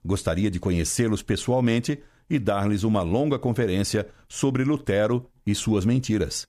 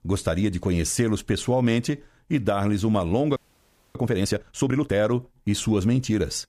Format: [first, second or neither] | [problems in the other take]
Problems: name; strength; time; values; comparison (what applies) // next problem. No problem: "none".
first | audio freezing; at 3.5 s for 0.5 s